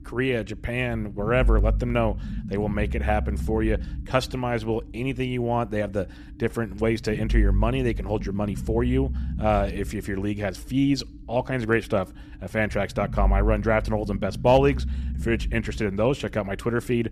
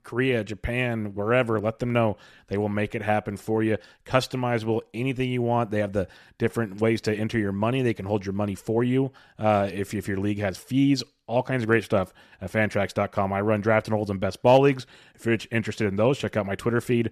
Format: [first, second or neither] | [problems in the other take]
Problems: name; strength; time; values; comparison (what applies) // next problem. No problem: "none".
second | low rumble; noticeable; throughout; 20 dB below the speech